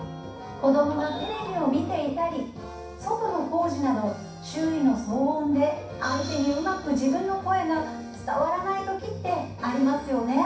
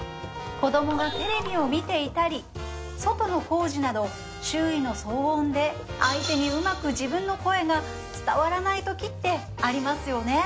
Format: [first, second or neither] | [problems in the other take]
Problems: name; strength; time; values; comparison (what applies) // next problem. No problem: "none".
second | room echo; dies away in 0.6 s